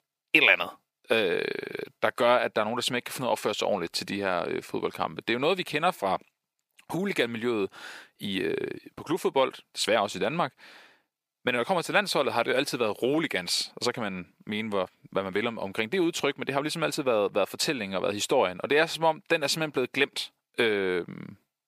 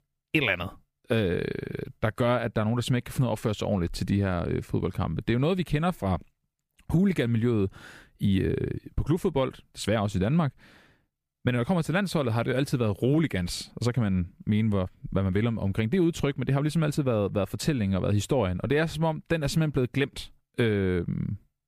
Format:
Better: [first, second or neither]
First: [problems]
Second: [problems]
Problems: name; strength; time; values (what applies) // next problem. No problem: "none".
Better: second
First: thin; somewhat; fading below 400 Hz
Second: none